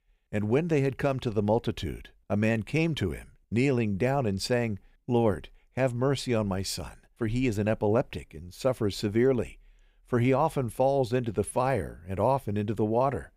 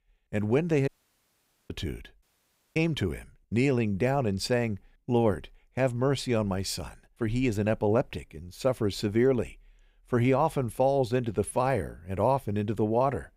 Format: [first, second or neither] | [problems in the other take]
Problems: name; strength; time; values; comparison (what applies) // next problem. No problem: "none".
first | audio cutting out; at 1 s for 1 s and at 2 s for 0.5 s